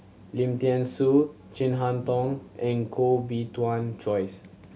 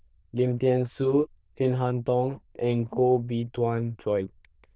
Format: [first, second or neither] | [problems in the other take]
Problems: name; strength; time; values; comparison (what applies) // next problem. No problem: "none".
first | noise reduction (neural diffusion model UNIVERSE++)